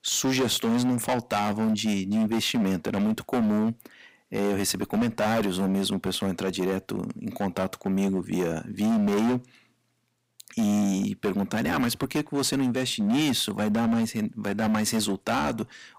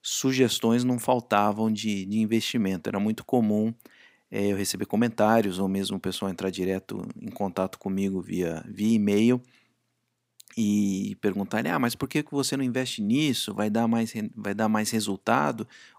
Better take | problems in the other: second | distortion; heavy; 15% of the sound clipped

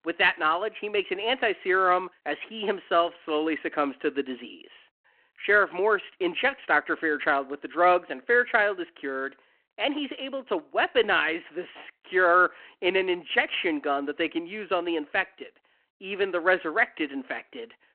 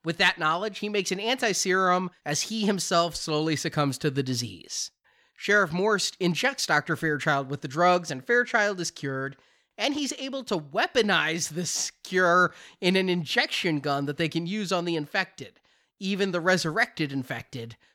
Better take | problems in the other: second | phone-call audio

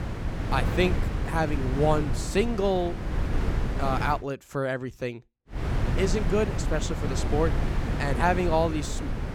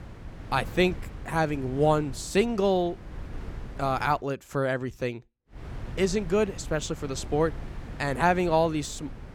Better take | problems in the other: second | wind noise on the microphone; heavy; until 4 s and from 5.5 s on; 8 dB below the speech; occasional gusts in the second

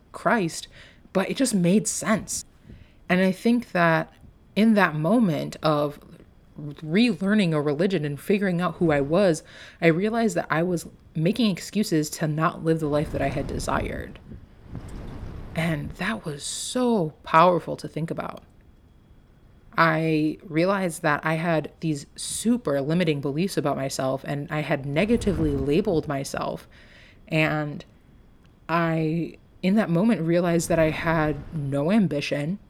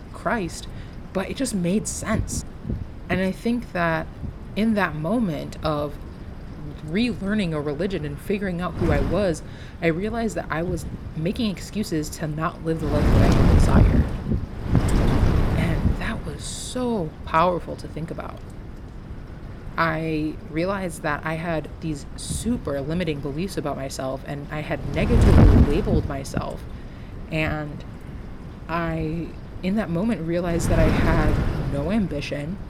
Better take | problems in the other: first | wind noise on the microphone; heavy; 4 dB below the speech; occasional gusts in the first

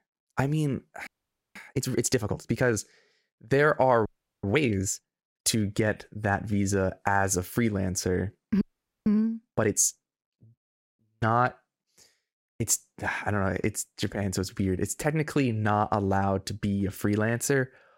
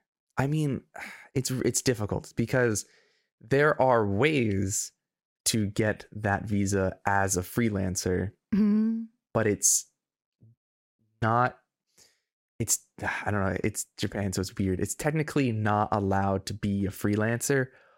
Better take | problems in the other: second | audio freezing; at 1 s, at 4 s and at 8.5 s

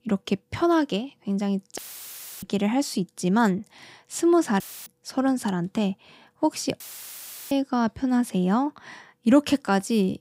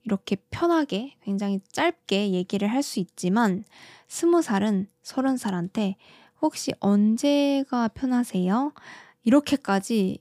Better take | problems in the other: second | audio cutting out; filled with static; at 2 s for 0.5 s, at 4.5 s and at 7 s for 0.5 s

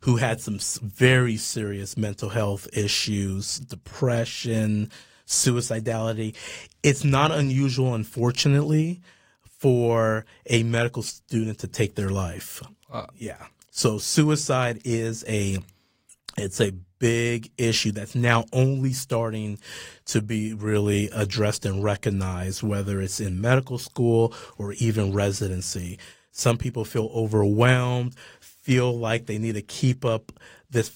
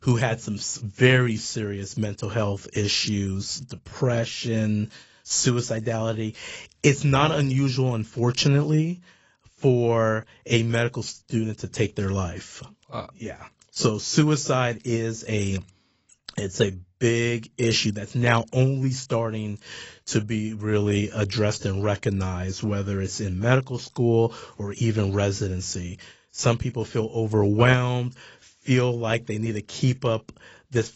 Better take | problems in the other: first | garbled, watery; badly; nothing above 7.5 kHz; slightly in the first

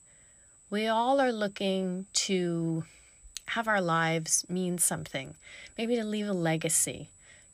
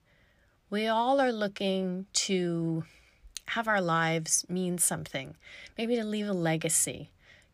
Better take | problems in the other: second | high-pitched whine; faint; throughout; 8 kHz, 25 dB below the speech

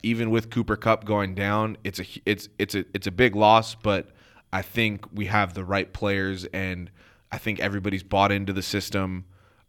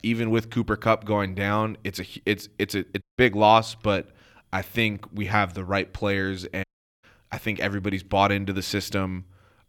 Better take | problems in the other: first | audio cutting out; at 3 s and at 6.5 s

